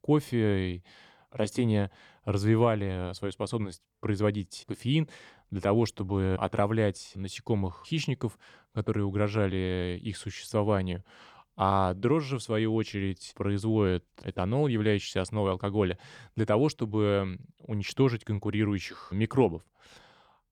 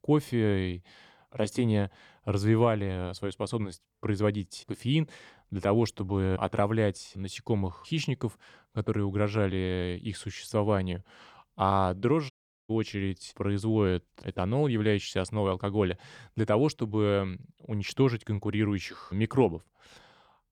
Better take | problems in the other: first | audio cutting out; at 12 s

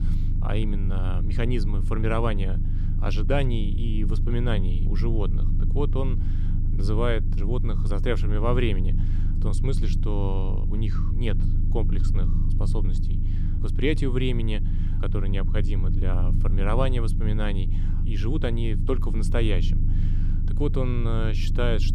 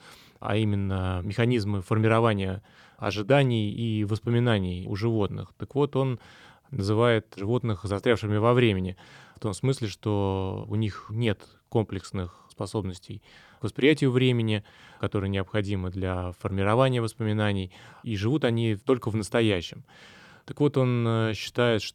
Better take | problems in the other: second | low rumble; loud; throughout; 9 dB below the speech

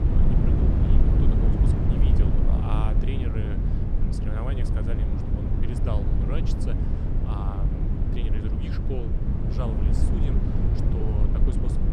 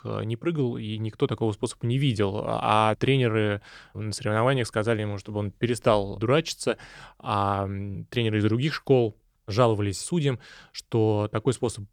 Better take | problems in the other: second | wind noise on the microphone; heavy; 4 dB above the speech

